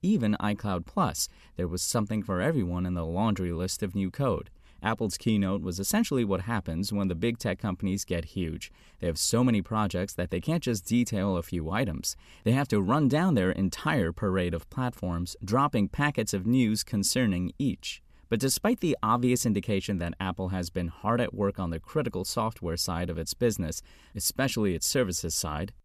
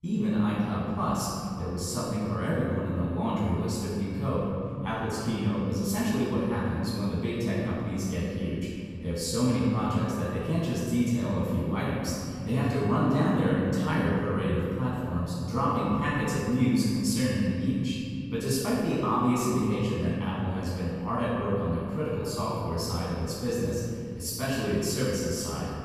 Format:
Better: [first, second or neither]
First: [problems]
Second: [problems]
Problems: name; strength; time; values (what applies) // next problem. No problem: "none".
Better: first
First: none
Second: room echo; strong; dies away in 2.6 s // off-mic speech; far